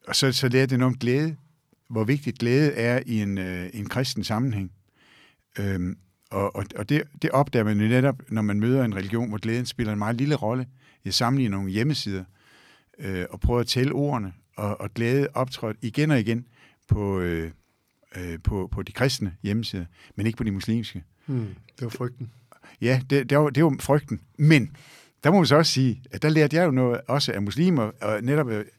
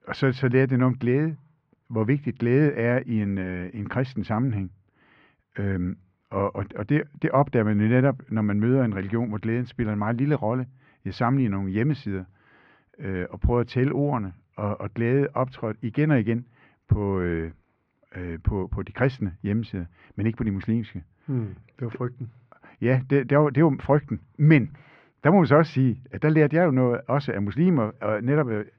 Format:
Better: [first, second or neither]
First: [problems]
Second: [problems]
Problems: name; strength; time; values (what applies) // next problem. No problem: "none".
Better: first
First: none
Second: muffled; very; fading above 2 kHz